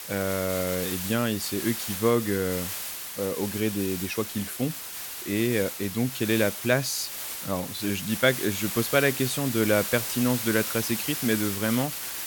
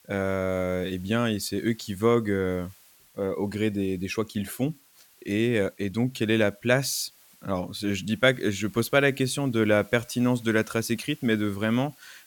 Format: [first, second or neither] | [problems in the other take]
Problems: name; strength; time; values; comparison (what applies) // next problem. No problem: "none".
second | hiss; loud; throughout; 5 dB below the speech; faint in the second